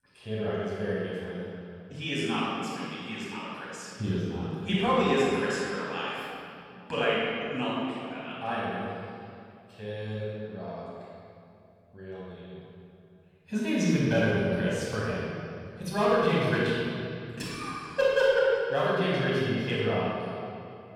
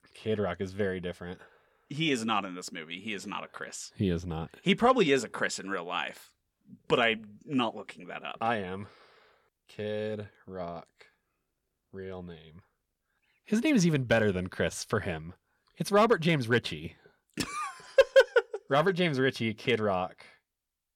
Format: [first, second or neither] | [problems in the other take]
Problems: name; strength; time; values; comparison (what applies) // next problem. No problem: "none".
second | off-mic speech; far // room echo; strong; dies away in 2.3 s